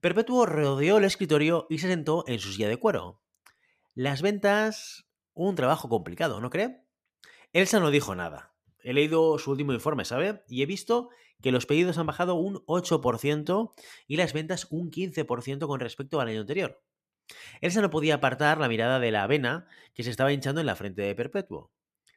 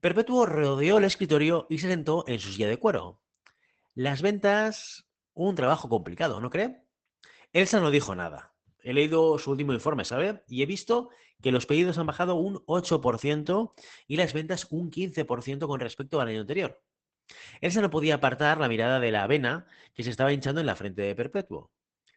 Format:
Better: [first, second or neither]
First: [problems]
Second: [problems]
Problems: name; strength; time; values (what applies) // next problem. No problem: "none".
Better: first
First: none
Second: garbled, watery; badly; nothing above 8 kHz